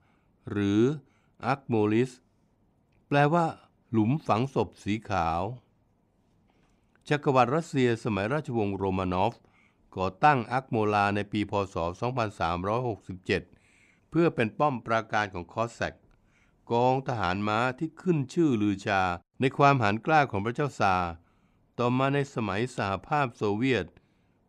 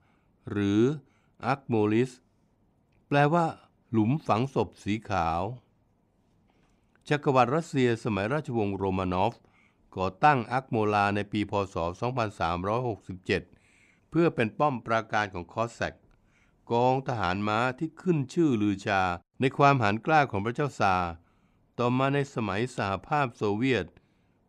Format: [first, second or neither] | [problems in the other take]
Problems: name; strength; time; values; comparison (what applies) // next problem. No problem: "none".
neither | none